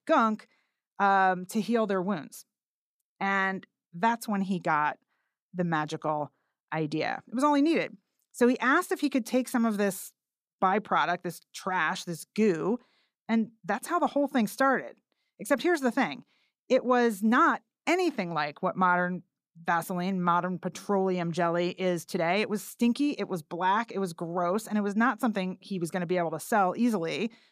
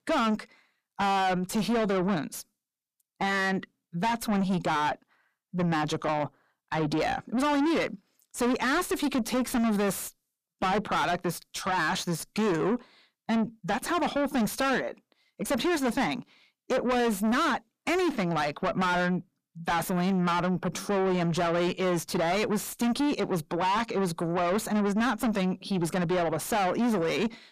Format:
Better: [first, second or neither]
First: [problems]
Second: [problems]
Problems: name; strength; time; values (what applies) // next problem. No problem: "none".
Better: first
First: none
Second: distortion; heavy; 5 dB below the speech